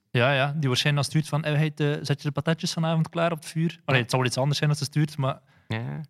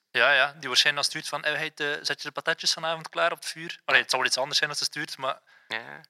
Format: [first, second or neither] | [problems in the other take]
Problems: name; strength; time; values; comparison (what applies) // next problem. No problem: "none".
first | thin; very; fading below 600 Hz